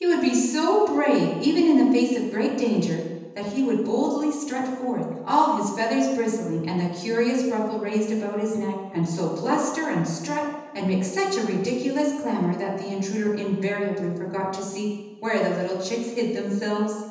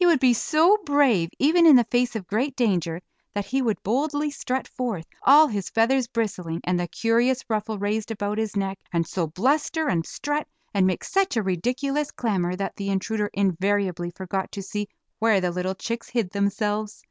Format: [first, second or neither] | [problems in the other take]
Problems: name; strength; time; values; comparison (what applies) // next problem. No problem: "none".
second | room echo; dies away in 1.1 s